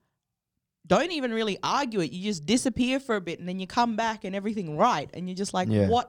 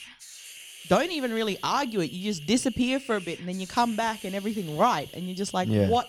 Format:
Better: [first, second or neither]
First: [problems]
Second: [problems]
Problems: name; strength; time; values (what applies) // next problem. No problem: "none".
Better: first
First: none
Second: hiss; noticeable; throughout; 15 dB below the speech